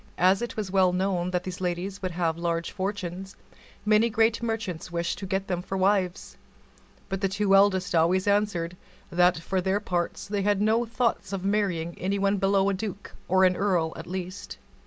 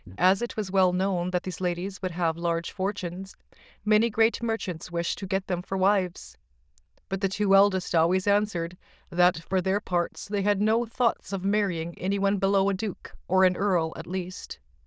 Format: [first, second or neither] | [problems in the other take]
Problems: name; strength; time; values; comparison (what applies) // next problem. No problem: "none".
first | noise reduction (neural diffusion model UNIVERSE++)